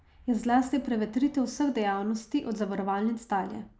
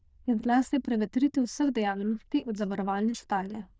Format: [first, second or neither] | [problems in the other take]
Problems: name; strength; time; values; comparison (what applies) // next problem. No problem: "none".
first | noise reduction (neural diffusion model UNIVERSE++)